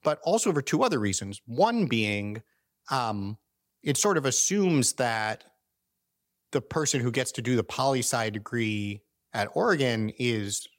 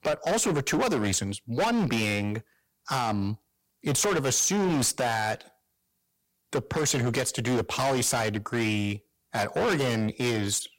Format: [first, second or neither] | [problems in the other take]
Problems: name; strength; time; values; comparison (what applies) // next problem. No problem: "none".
first | distortion; heavy; 18% of the sound clipped